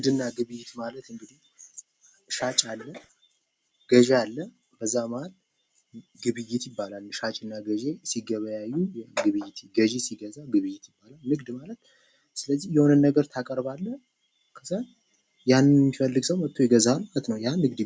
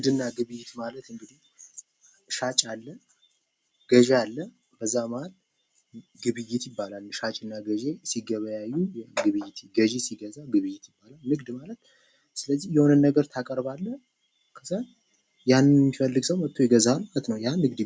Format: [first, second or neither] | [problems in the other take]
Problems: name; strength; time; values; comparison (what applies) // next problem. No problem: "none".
second | background sound (Cough); 17 dB below the speech